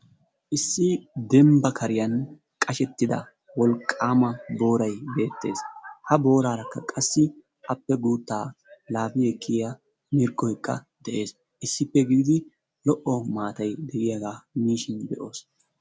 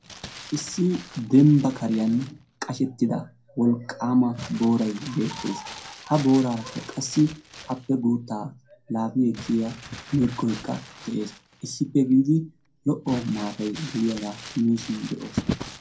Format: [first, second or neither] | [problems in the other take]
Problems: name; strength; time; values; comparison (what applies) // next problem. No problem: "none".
first | background sound (Crumpling, crinkling); 15 dB below the speech // room echo; dies away in 0.2 s